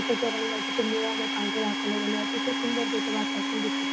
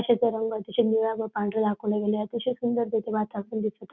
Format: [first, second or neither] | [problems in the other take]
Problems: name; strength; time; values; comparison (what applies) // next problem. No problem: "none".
second | background sound (Domestic sounds, home sounds); 2 dB above the speech